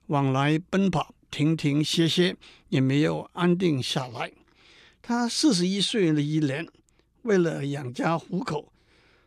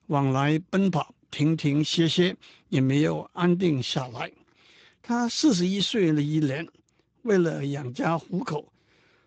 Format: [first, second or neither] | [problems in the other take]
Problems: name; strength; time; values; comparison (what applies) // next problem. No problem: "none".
first | garbled, watery; slightly; nothing above 7.5 kHz